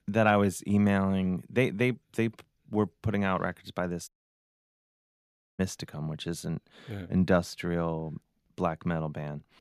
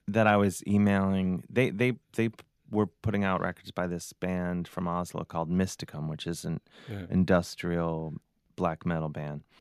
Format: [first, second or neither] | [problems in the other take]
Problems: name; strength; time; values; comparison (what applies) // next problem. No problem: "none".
second | audio cutting out; at 4 s for 1.5 s